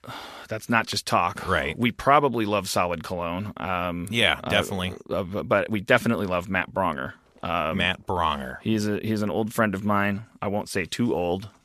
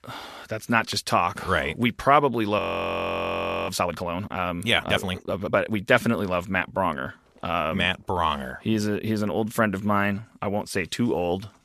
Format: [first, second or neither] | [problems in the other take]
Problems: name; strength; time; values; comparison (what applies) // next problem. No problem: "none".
first | audio freezing; at 2.5 s for 1 s